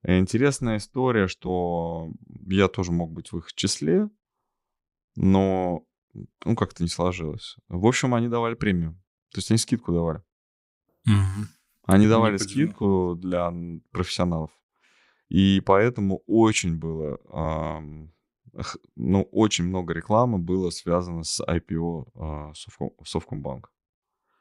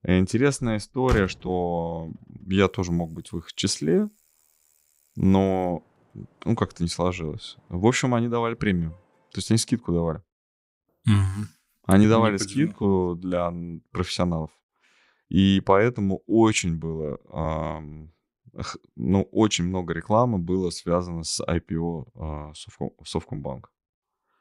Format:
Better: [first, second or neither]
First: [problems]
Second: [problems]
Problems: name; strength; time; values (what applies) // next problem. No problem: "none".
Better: first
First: none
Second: traffic noise; loud; until 9.5 s; 8 dB below the speech